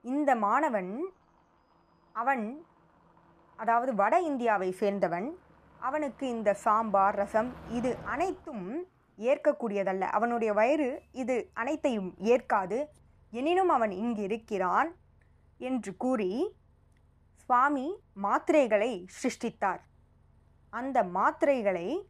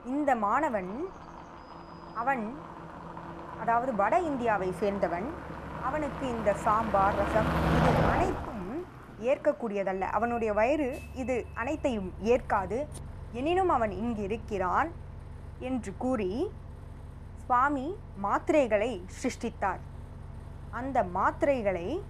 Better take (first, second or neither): first